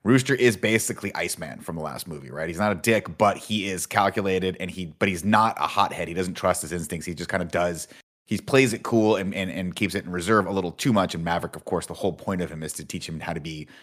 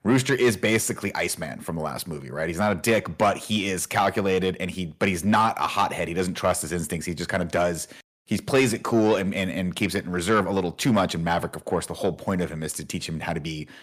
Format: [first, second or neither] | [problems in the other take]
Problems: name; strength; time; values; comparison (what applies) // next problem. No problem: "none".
first | distortion; slight; 10 dB below the speech